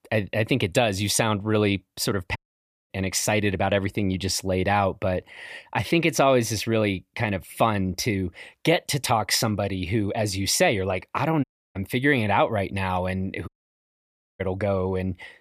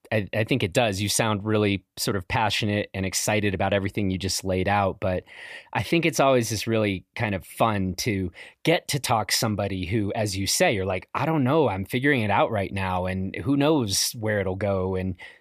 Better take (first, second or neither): second